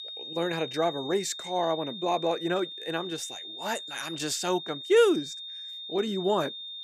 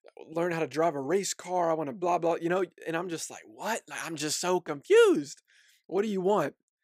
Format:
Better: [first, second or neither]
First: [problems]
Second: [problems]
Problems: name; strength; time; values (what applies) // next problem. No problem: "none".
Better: second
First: high-pitched whine; loud; throughout; 3.5 kHz, 9 dB below the speech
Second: none